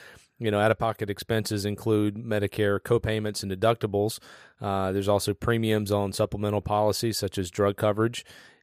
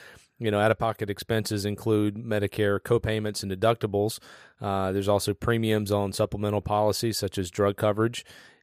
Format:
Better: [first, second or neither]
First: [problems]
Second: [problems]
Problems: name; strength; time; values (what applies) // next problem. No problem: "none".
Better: neither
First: none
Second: none